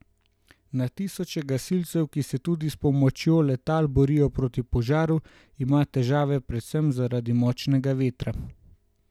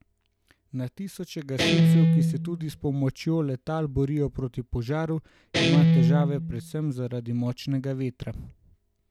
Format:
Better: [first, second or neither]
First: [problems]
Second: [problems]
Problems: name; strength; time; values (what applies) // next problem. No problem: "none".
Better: first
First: none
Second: background sound (Guitar); 4 dB above the speech